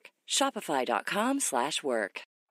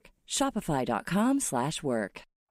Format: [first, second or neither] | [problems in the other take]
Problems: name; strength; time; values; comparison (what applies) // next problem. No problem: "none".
second | thin; very slightly; fading below 300 Hz